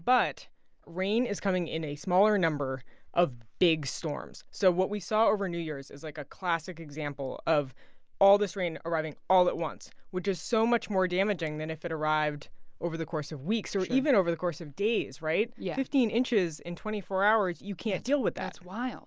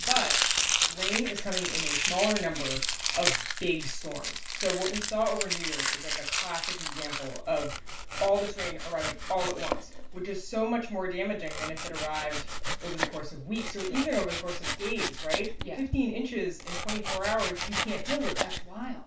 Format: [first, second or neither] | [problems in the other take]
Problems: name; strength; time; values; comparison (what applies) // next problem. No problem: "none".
first | background sound (Domestic sounds, home sounds); 1 dB below the speech // room echo; dies away in 0.3 s